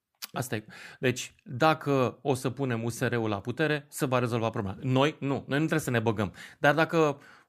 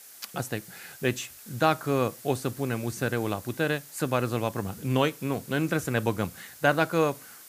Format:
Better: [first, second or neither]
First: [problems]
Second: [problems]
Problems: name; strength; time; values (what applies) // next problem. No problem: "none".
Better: first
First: none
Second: hiss; noticeable; throughout; 15 dB below the speech